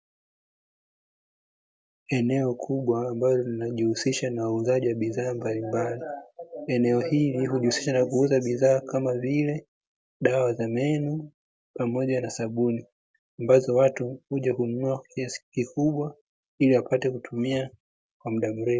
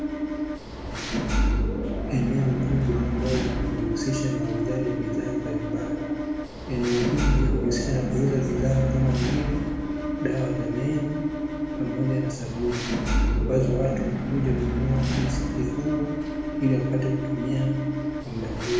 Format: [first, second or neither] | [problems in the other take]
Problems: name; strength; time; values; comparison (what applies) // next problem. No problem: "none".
first | background sound (Engine / Mechanisms); as loud as the speech // room echo; dies away in 1 s